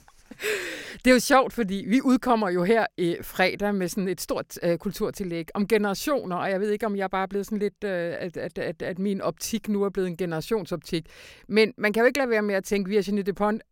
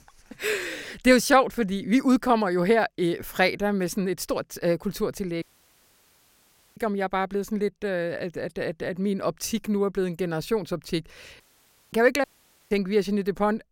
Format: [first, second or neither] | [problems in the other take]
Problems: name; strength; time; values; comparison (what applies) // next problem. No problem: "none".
first | audio cutting out; at 5.5 s for 1.5 s, at 11 s for 0.5 s and at 12 s